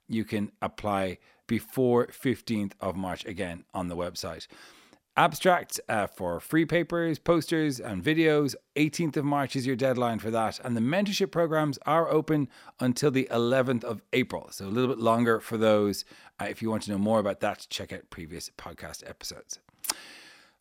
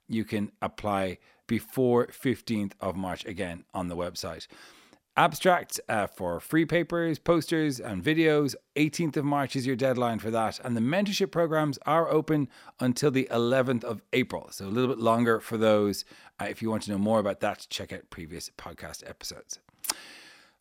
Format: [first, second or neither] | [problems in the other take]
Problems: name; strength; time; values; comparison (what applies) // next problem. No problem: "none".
neither | none